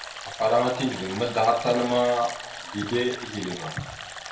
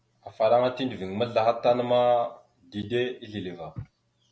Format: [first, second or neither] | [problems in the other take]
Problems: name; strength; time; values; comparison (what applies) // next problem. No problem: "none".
second | background sound (Stream); 11 dB below the speech // room echo; dies away in 0.6 s